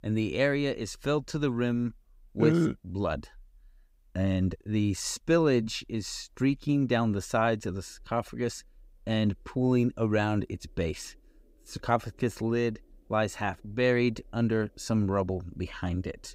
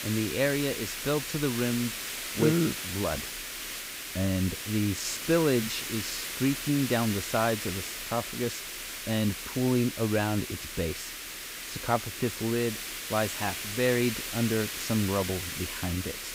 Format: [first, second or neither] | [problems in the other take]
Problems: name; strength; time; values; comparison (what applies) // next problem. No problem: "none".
first | hiss; loud; throughout; 5 dB below the speech